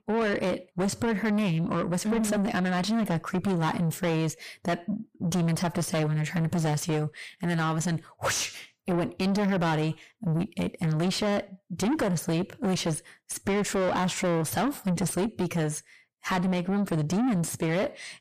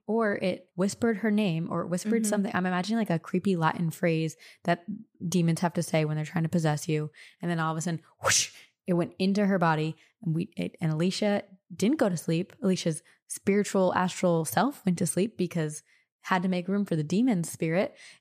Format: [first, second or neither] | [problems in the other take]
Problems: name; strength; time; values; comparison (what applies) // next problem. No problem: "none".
second | distortion; heavy; 6 dB below the speech